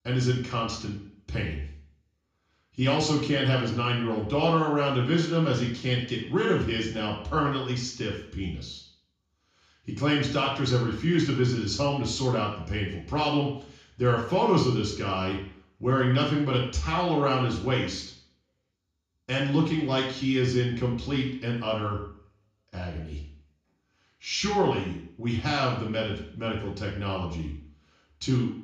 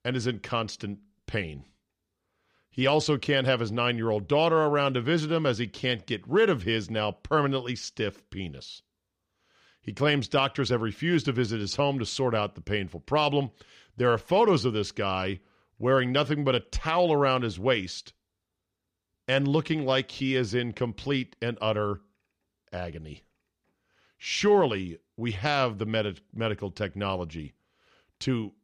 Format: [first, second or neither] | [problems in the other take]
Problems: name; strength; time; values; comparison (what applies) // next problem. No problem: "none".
second | room echo; noticeable; dies away in 0.5 s // off-mic speech; far